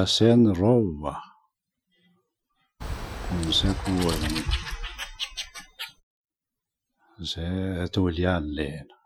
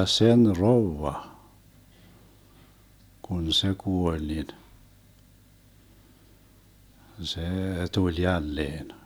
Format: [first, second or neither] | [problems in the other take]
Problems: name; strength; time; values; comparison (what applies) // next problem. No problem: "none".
second | noise reduction (classical method Wiener filter)